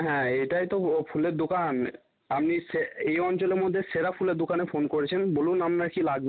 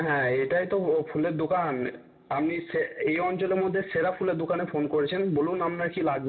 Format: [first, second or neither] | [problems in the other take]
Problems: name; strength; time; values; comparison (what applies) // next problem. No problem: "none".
first | room echo; dies away in 1.1 s